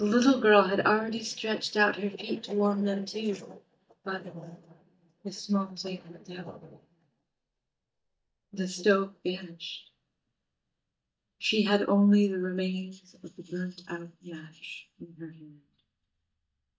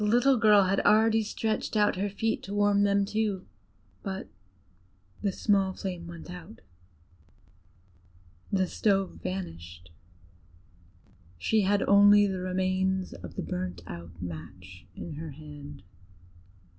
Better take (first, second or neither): second